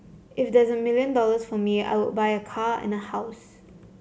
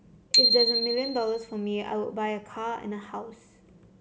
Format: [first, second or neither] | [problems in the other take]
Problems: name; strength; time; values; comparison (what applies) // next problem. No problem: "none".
first | background sound (Bicycle bell); 2 dB above the speech